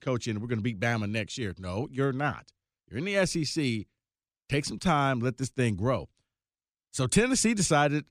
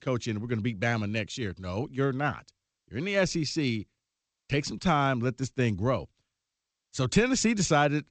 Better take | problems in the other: first | garbled, watery; slightly; nothing above 8 kHz

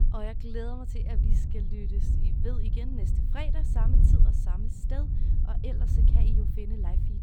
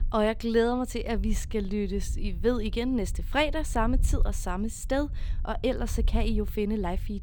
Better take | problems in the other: second | wind noise on the microphone; heavy; 1 dB below the speech; occasional gusts in the second

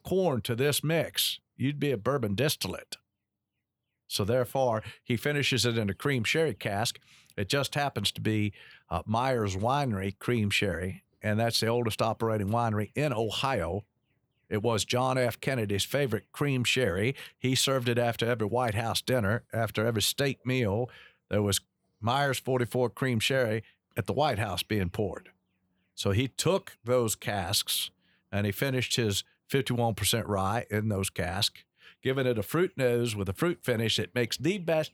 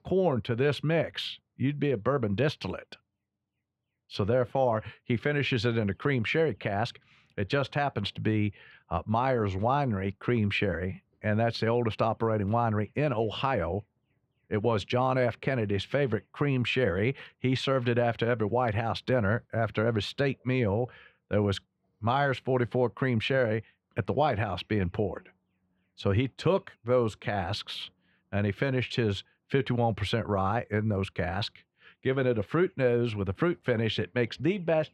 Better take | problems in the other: first | muffled; slightly; fading above 2.5 kHz

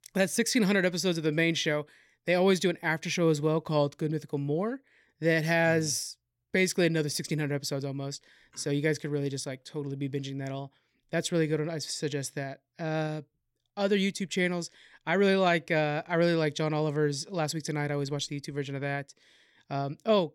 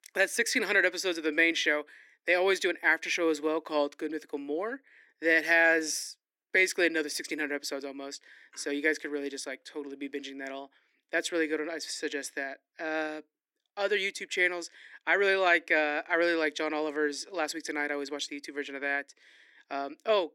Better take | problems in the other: first | thin; somewhat; fading below 300 Hz

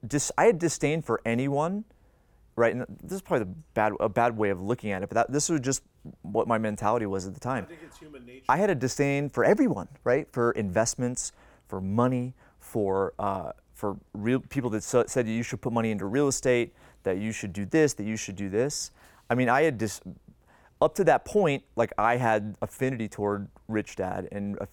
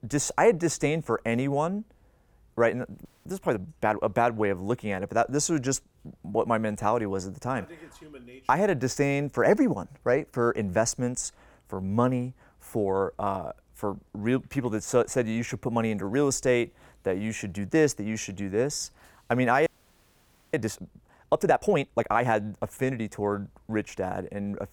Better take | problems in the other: first | audio freezing; at 3 s and at 20 s for 1 s

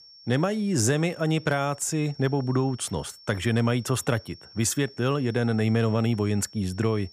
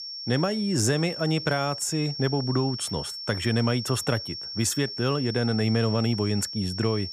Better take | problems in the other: first | high-pitched whine; loud; throughout; 5.5 kHz, 7 dB below the speech; faint in the first

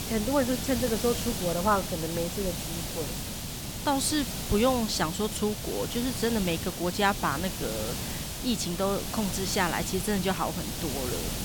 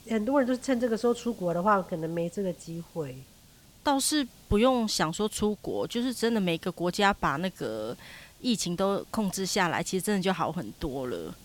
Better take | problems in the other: second | hiss; loud; throughout; 4 dB below the speech; faint in the second

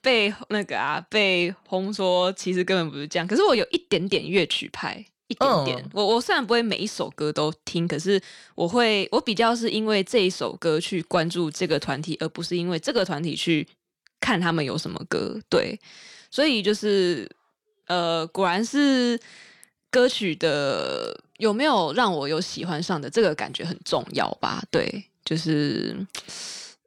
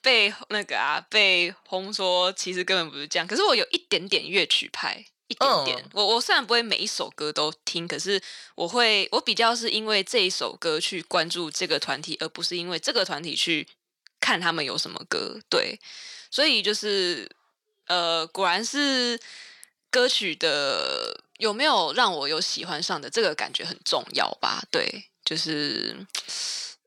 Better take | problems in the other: first | thin; somewhat; fading below 900 Hz

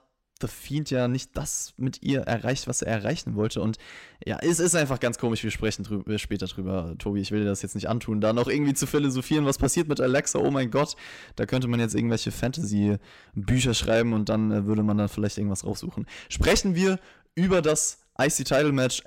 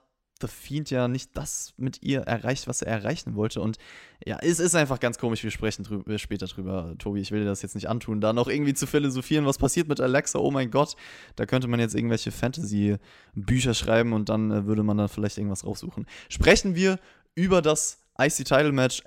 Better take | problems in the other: second | distortion; slight; 10 dB below the speech

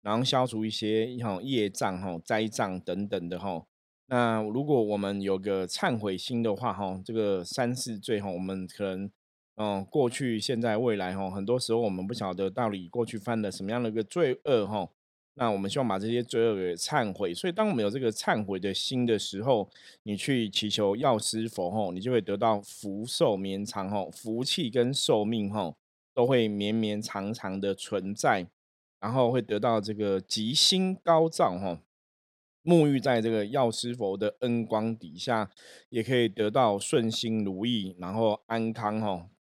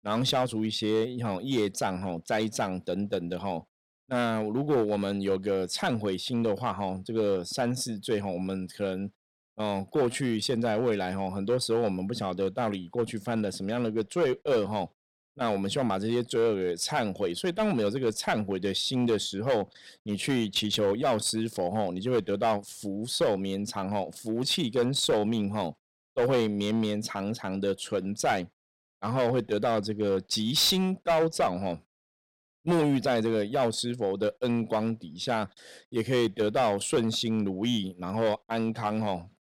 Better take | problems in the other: first | distortion; slight; 5% of the sound clipped

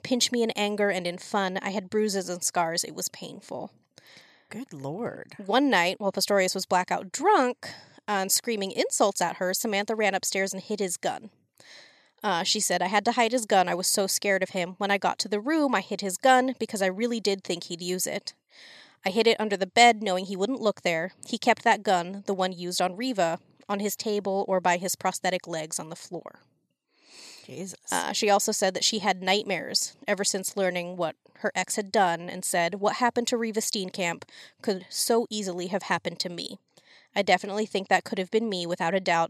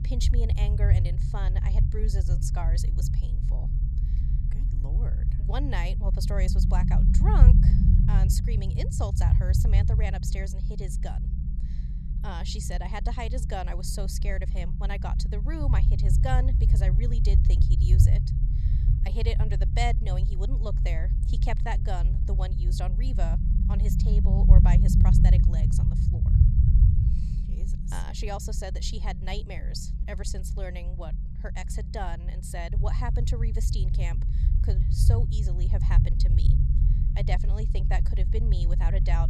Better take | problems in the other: first | low rumble; loud; throughout; 4 dB below the speech

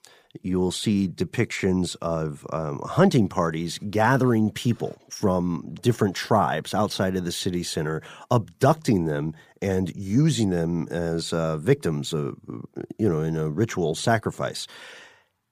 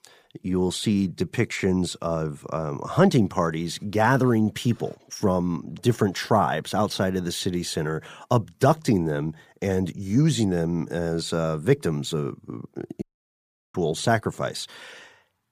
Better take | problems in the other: first | audio cutting out; at 13 s for 0.5 s

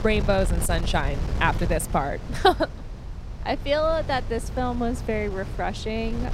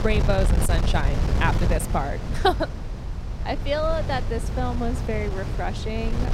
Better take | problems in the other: first | wind noise on the microphone; heavy; 8 dB below the speech; occasional gusts in the first

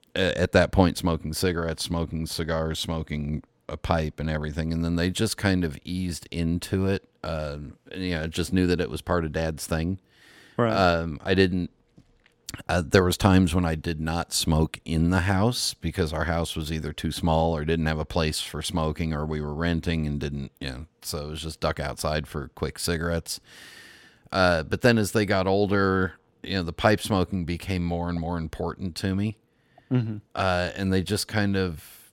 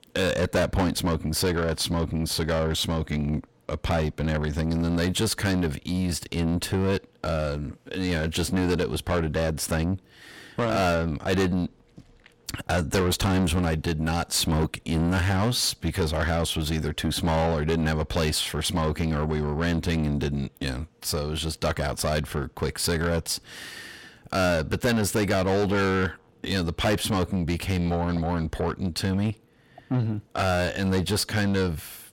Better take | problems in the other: first | distortion; heavy; 7 dB below the speech

